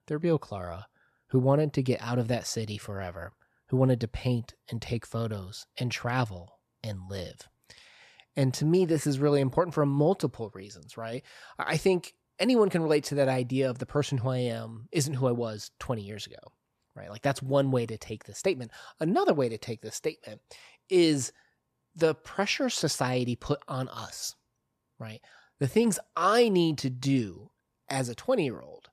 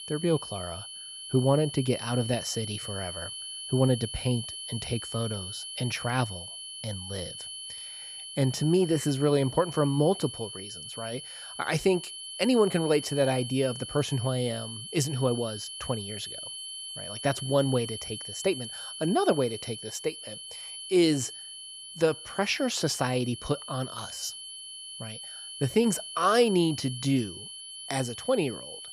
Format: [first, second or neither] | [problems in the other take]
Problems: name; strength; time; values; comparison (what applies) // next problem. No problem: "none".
first | high-pitched whine; loud; throughout; 3 kHz, 9 dB below the speech